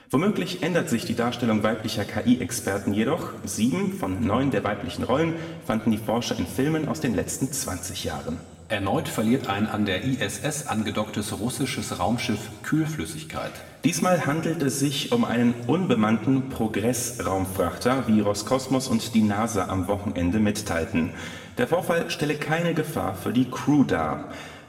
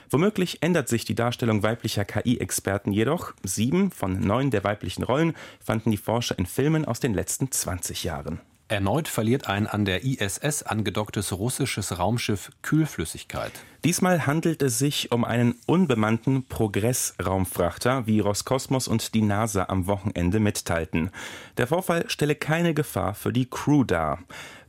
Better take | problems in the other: second | room echo; slight; dies away in 1.2 s // off-mic speech; somewhat distant

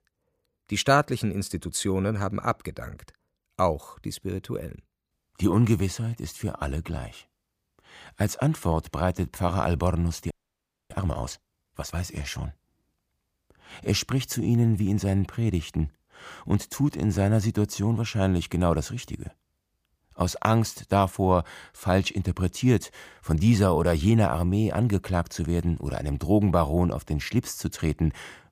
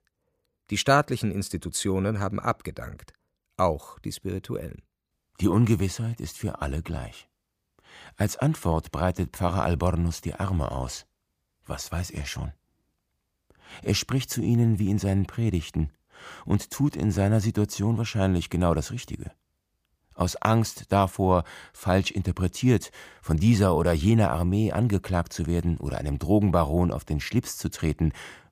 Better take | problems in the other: second | audio freezing; at 10 s for 0.5 s

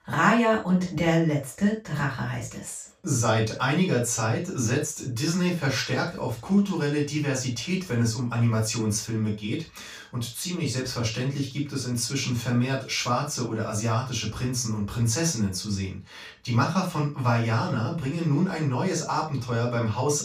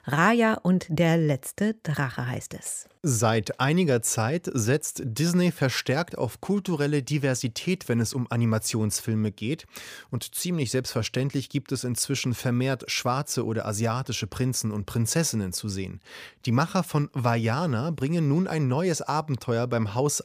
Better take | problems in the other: second | room echo; noticeable; dies away in 0.2 s // off-mic speech; far

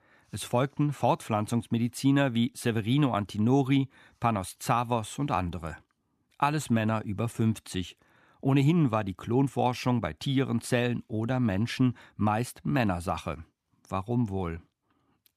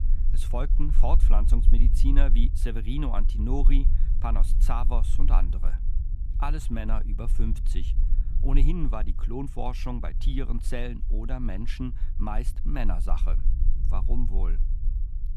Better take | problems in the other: first | low rumble; noticeable; throughout; 15 dB below the speech

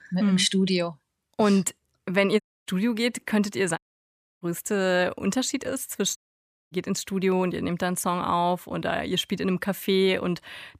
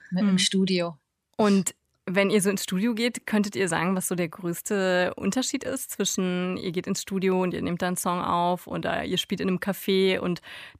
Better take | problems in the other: second | audio cutting out; at 2.5 s, at 4 s for 0.5 s and at 6 s for 0.5 s

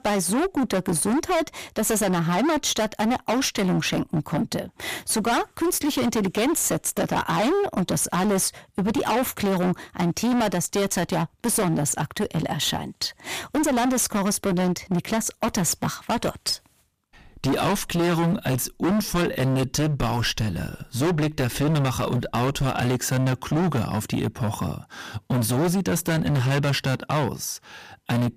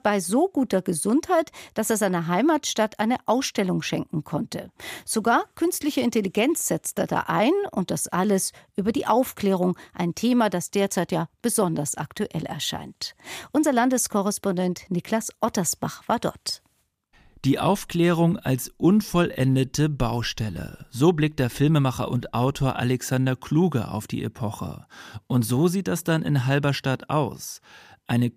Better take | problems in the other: second | distortion; heavy; 24% of the sound clipped

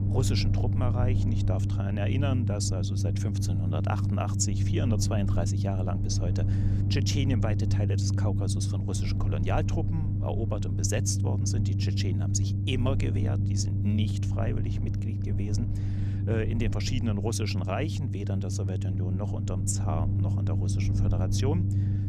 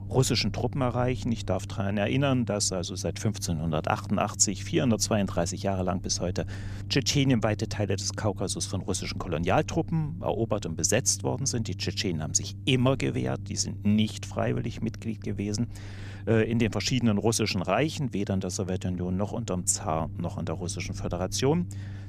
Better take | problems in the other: second | low rumble; loud; throughout; 5 dB below the speech; faint in the second

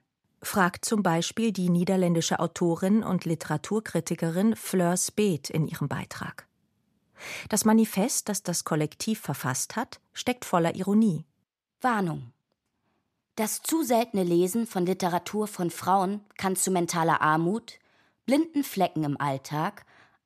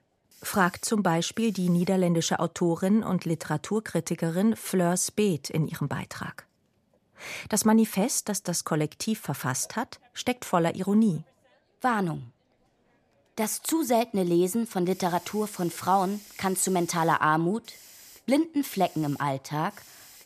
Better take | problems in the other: first | hiss; faint; throughout; 25 dB below the speech

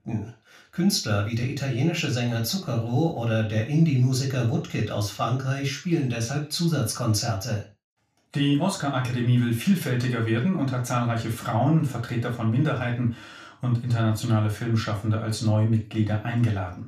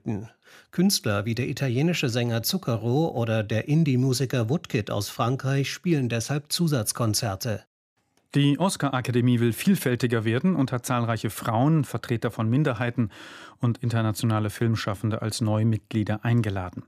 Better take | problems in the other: second | room echo; slight; dies away in 0.3 s // off-mic speech; far

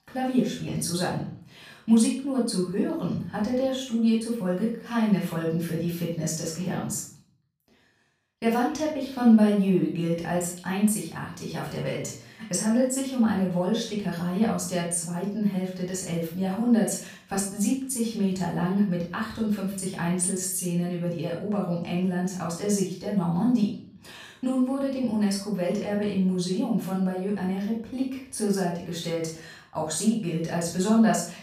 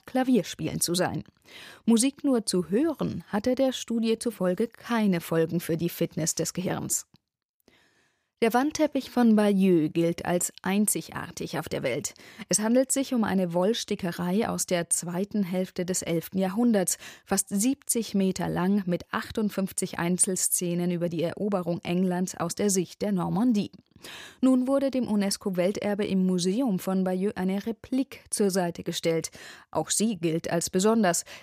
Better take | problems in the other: second | off-mic speech; far // room echo; noticeable; dies away in 0.4 s

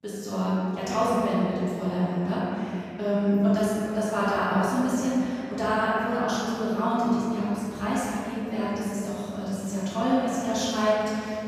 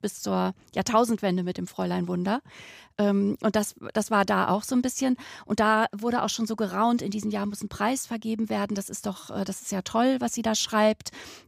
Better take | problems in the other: second | room echo; strong; dies away in 3 s // off-mic speech; far

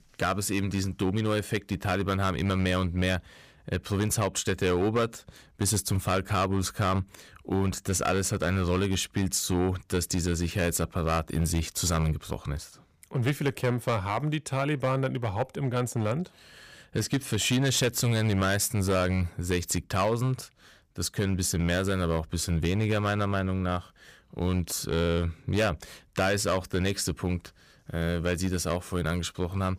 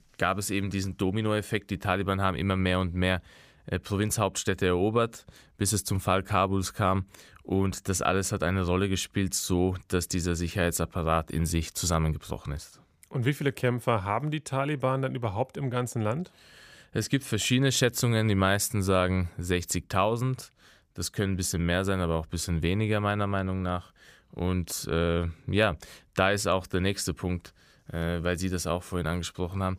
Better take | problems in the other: second | distortion; slight; 6% of the sound clipped

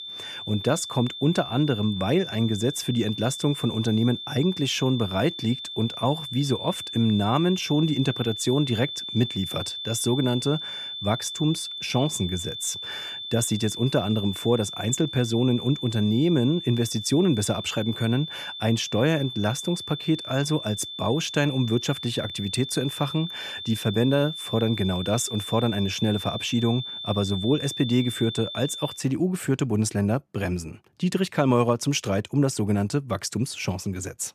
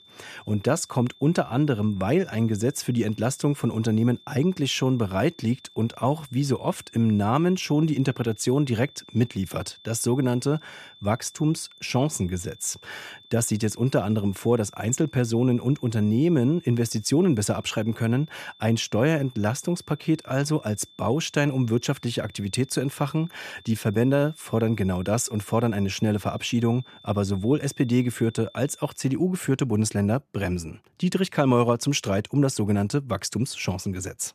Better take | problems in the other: second | high-pitched whine; loud; until 29 s; 3.5 kHz, 8 dB below the speech; faint in the second

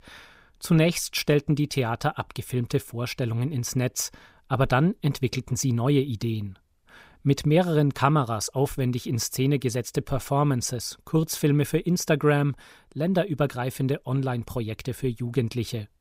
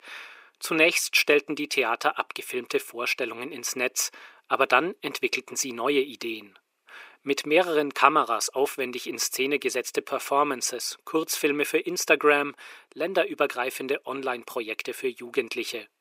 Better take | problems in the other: first | thin; very; fading below 350 Hz

